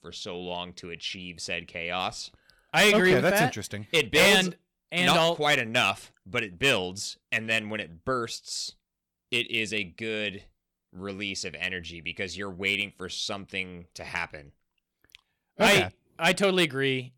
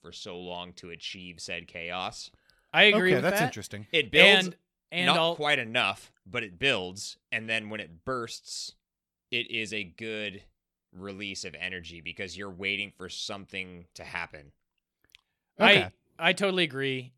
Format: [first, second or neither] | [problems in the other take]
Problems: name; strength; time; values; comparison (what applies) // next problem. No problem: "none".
second | distortion; heavy; 2% of the sound clipped